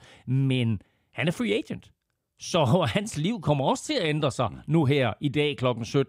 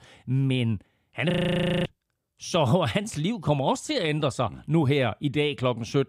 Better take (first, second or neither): first